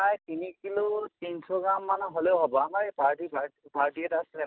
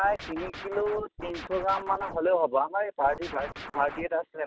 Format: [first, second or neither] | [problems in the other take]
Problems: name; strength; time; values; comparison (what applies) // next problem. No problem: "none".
first | background sound (Scratching (performance technique)); 12 dB below the speech